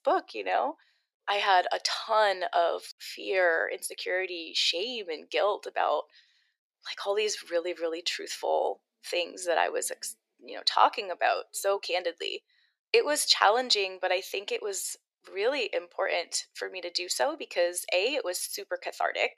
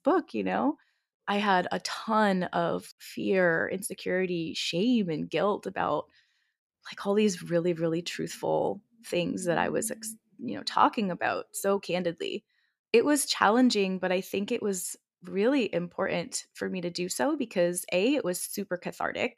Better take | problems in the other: second | thin; very; fading below 400 Hz

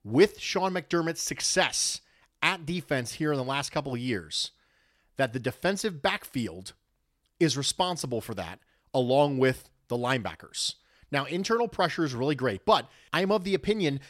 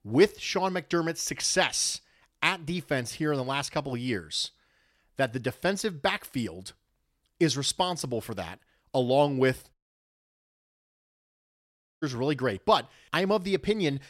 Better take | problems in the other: first | audio cutting out; at 9.5 s for 2.5 s

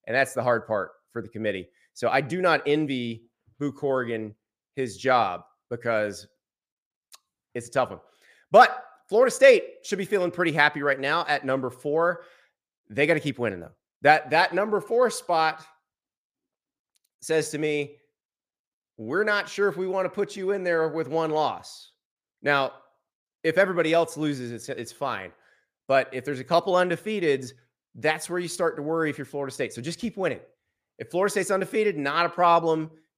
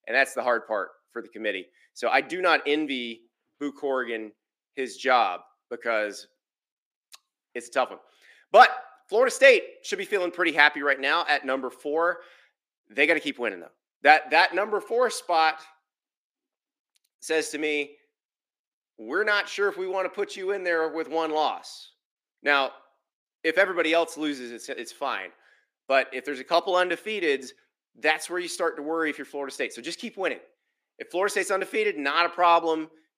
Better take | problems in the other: first | thin; very slightly; fading below 300 Hz

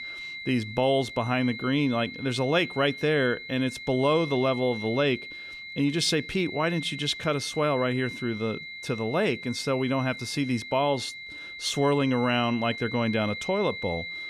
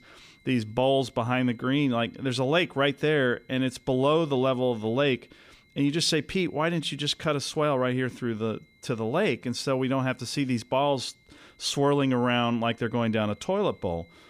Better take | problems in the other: second | high-pitched whine; loud; throughout; 2 kHz, 10 dB below the speech; faint in the second

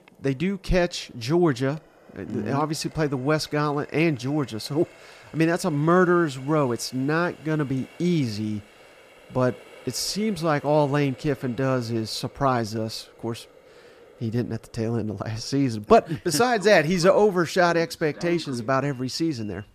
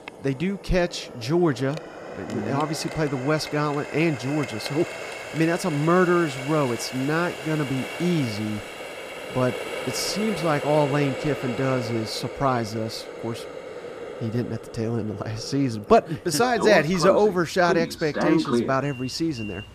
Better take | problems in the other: first | household noises; loud; throughout; 8 dB below the speech; faint in the first

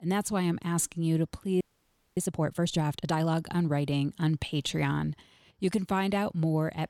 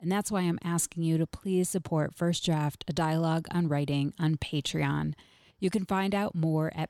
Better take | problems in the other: second | audio freezing; at 1.5 s for 0.5 s

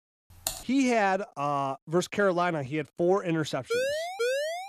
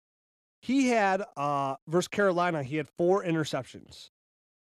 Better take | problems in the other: second | keyboard typing; noticeable; at 0.5 s; peak 7 dB below the speech // siren; noticeable; at 3.5 s; peak 1 dB below the speech

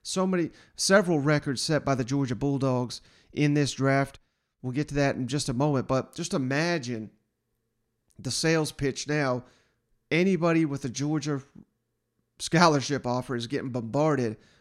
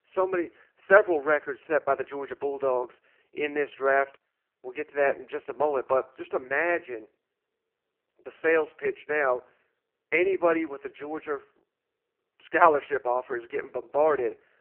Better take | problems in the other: first | phone-call audio; poor line

